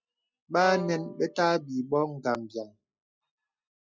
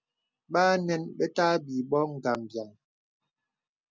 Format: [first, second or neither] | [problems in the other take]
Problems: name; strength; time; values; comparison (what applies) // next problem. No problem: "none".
second | noise reduction (classical method log-MMSE)